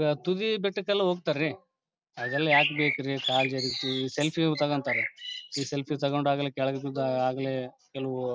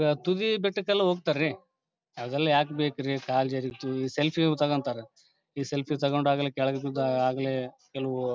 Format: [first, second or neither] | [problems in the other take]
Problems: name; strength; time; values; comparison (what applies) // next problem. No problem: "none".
second | background sound (Bird); 3 dB below the speech